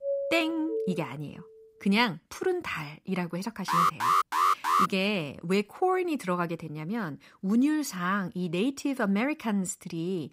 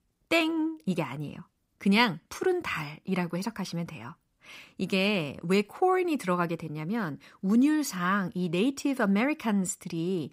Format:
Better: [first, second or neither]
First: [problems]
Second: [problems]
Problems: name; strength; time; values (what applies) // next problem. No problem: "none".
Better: second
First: doorbell; noticeable; until 1 s; peak 2 dB below the speech // alarm; loud; from 3.5 to 5 s; peak 6 dB above the speech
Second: none